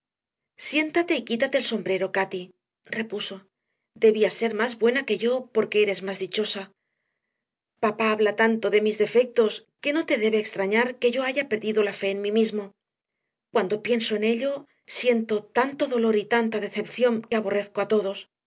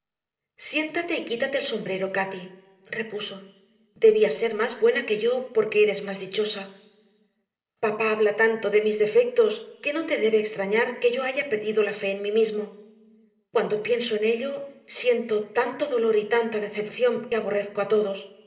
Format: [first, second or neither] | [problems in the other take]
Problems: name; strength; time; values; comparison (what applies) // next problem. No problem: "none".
first | room echo; dies away in 1.7 s